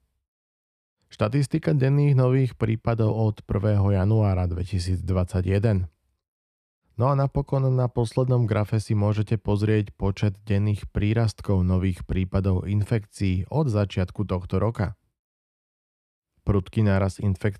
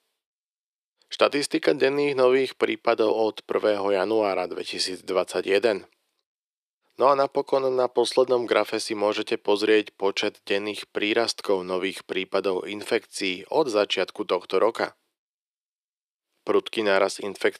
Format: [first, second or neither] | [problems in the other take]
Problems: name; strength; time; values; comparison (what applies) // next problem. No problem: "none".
first | thin; very; fading below 350 Hz